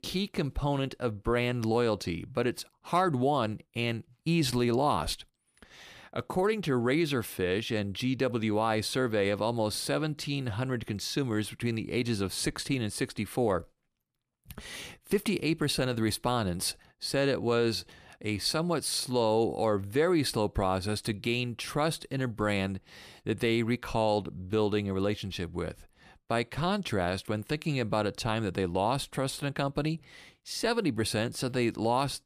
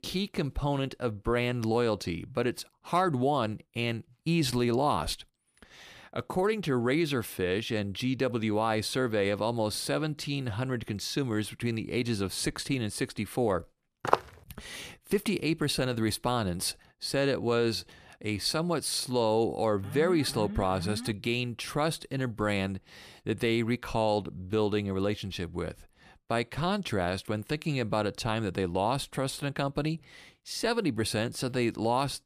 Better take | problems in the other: first | footsteps; loud; at 14 s; peak 1 dB above the speech // alarm; noticeable; from 20 to 21 s; peak 9 dB below the speech

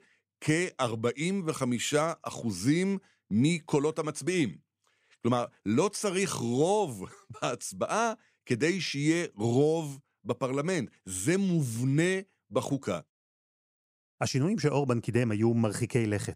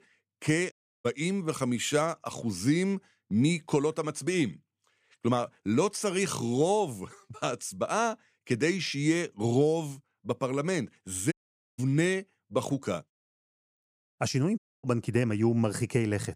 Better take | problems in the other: first | audio cutting out; at 0.5 s, at 11 s and at 15 s

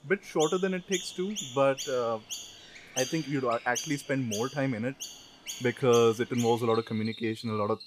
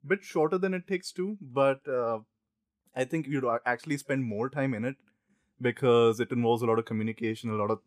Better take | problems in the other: second | animal sounds; loud; throughout; 10 dB below the speech

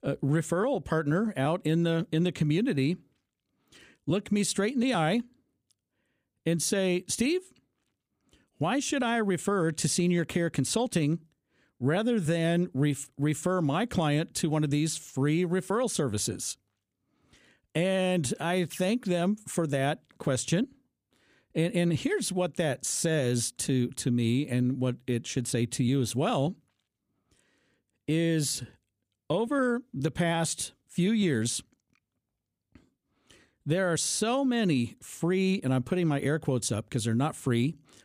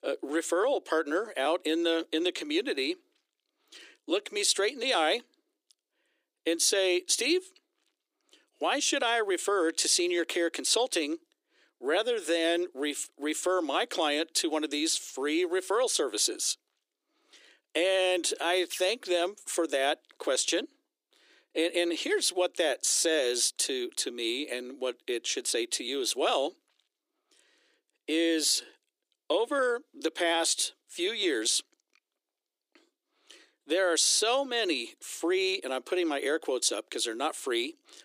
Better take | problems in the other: first | thin; very; fading below 300 Hz

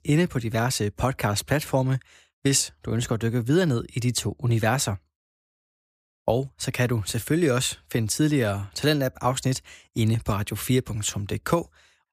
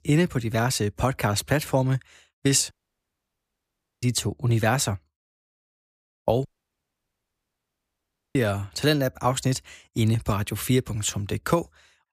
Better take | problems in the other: first | audio cutting out; at 2.5 s for 1.5 s and at 6.5 s for 2 s

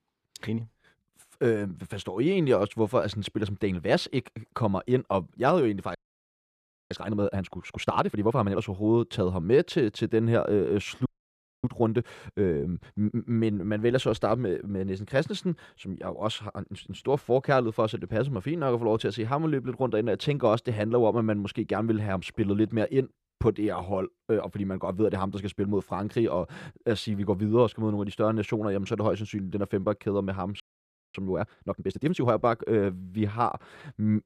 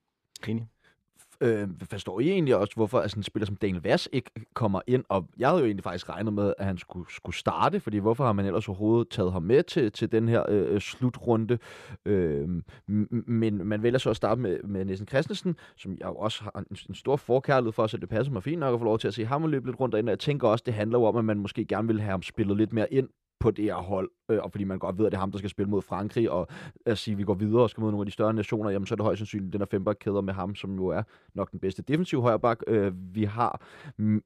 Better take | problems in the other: second | audio freezing; at 6 s for 1 s, at 11 s for 0.5 s and at 31 s for 0.5 s

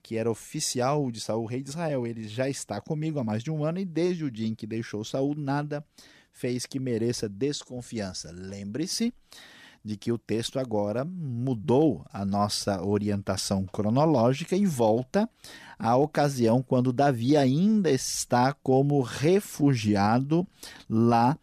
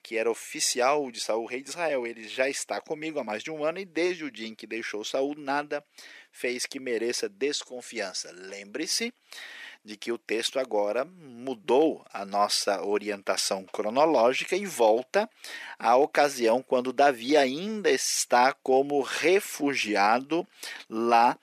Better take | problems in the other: first | thin; somewhat; fading below 350 Hz

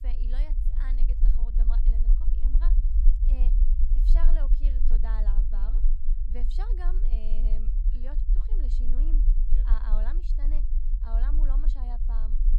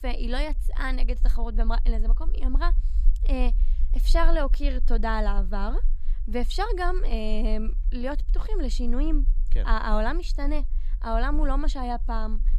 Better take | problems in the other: second | low rumble; loud; throughout; 4 dB below the speech; faint in the second

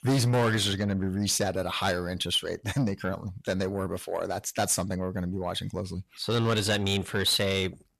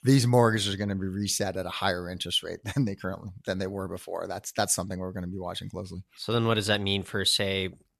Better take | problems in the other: second | distortion; heavy; 8 dB below the speech

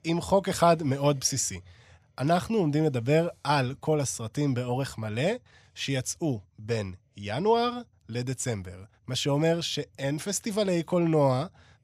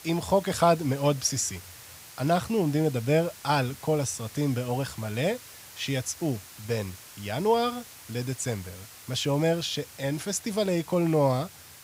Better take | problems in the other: first | hiss; noticeable; throughout; 15 dB below the speech

